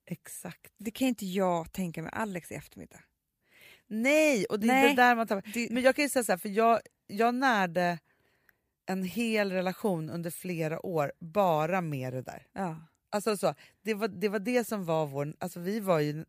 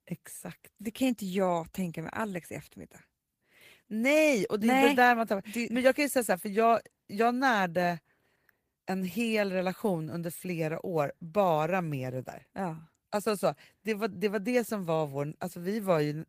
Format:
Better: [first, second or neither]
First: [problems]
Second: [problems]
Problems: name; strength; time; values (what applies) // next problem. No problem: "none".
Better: first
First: none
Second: garbled, watery; slightly; nothing above 15 kHz